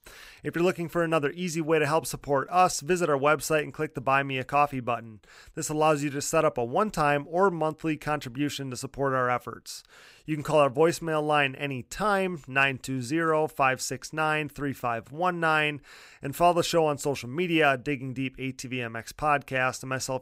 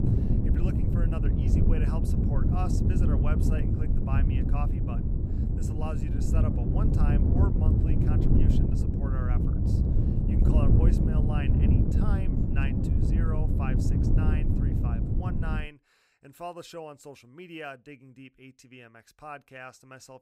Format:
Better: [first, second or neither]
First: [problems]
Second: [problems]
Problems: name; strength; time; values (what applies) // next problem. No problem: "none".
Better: first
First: none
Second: wind noise on the microphone; heavy; until 16 s; 4 dB above the speech